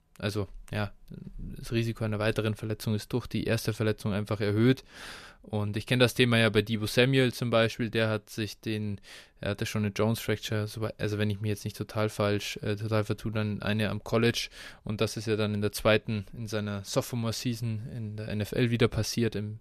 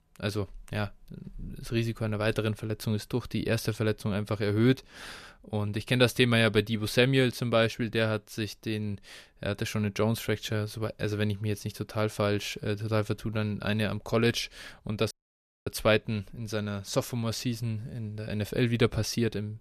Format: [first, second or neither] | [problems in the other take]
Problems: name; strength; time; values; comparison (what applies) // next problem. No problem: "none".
first | audio cutting out; at 15 s for 0.5 s